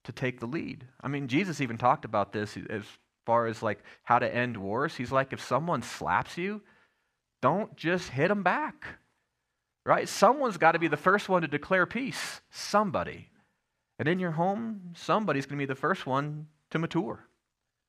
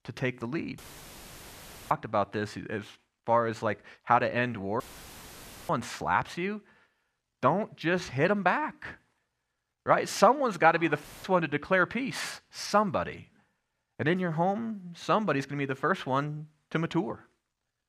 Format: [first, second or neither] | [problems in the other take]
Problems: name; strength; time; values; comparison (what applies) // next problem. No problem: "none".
first | audio cutting out; filled with static; at 1 s for 1 s, at 5 s for 1 s and at 11 s